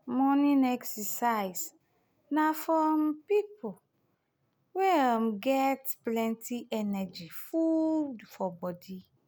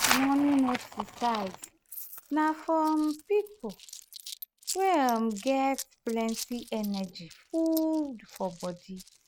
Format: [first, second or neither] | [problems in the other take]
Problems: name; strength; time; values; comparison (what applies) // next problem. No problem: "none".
first | noise reduction (neural mask model RNNoise)